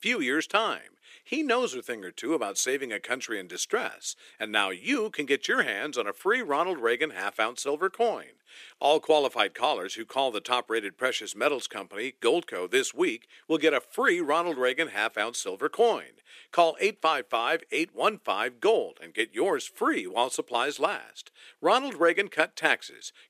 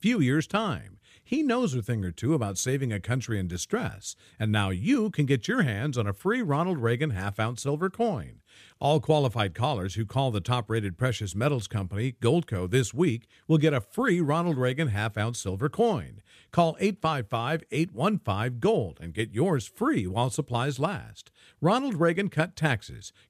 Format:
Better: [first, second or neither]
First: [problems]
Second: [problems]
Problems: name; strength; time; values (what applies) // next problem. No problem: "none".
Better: second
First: thin; very; fading below 350 Hz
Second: none